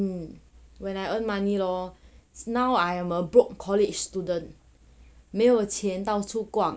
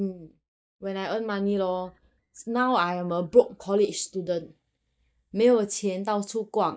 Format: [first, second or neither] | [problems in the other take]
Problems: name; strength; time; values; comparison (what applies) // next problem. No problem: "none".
first | noise reduction (neural mask model DeepFilterNet 3)